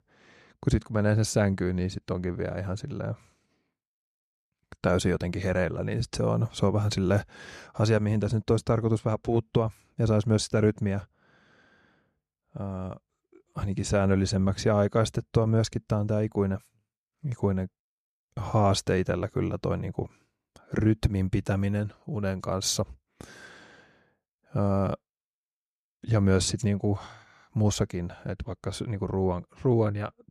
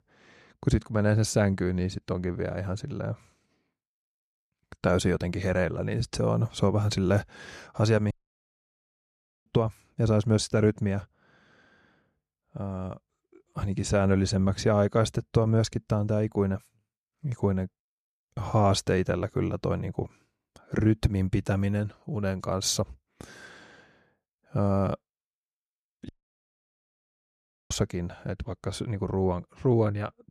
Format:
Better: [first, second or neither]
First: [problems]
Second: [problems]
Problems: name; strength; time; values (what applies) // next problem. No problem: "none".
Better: first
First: none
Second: audio cutting out; at 8 s for 1.5 s and at 26 s for 1.5 s